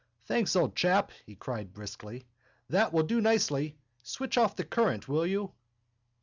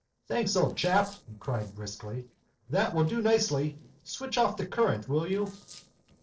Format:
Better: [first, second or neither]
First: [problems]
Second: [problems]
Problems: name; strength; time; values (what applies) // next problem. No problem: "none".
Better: first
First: none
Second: noise reduction (neural separator model SepFormer DNS4)